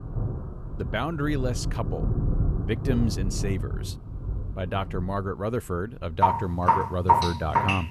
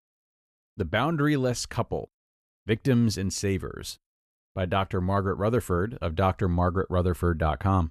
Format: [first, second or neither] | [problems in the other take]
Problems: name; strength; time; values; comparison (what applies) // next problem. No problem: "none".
second | rain or running water; very loud; throughout; 2 dB above the speech